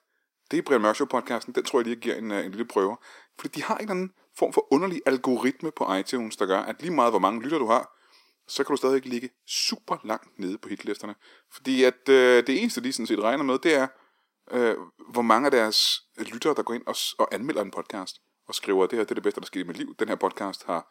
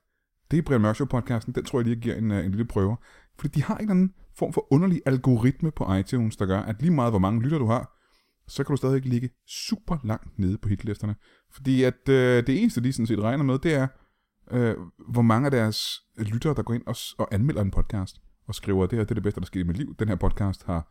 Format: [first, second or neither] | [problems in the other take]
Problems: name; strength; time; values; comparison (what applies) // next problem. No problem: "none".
second | thin; somewhat; fading below 300 Hz